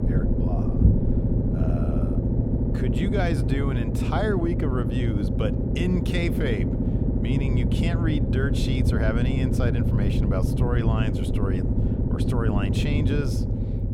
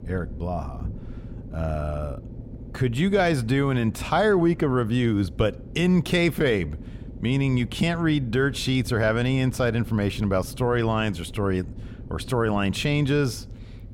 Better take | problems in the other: second | low rumble; loud; throughout; 1 dB below the speech; faint in the second

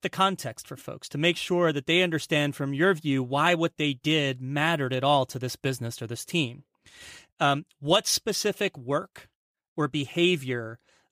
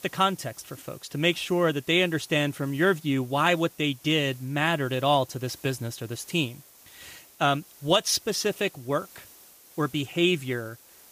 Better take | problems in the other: first | hiss; faint; throughout; 25 dB below the speech

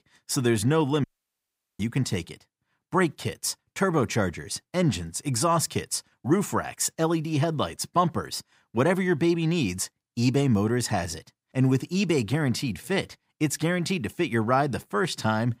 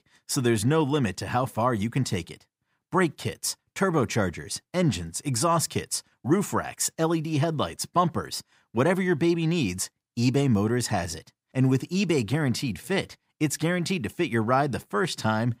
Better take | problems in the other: second | audio cutting out; at 1 s for 1 s

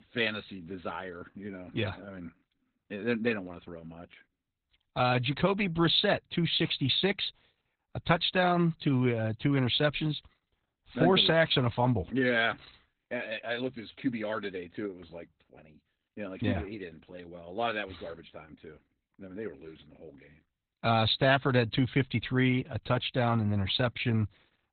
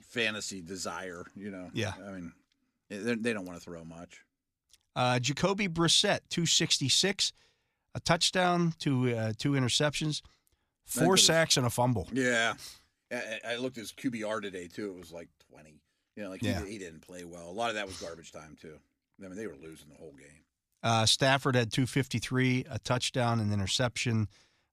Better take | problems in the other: second | garbled, watery; badly; nothing above 4 kHz

